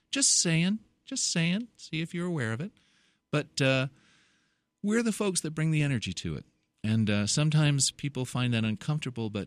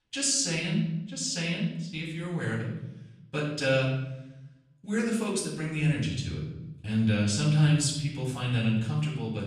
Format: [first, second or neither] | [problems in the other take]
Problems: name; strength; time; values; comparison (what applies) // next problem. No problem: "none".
first | off-mic speech; far // room echo; noticeable; dies away in 0.9 s